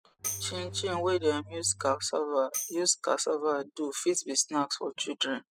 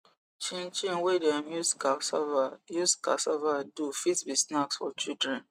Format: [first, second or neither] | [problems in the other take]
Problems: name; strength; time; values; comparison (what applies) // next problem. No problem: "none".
second | noise reduction (classical method spectral subtraction)